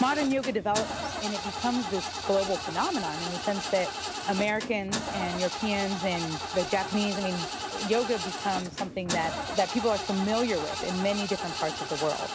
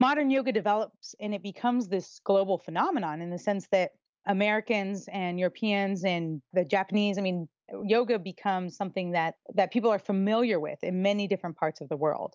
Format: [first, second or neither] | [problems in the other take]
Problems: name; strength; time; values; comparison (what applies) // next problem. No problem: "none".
second | background sound (Engine starting / Car); 5 dB below the speech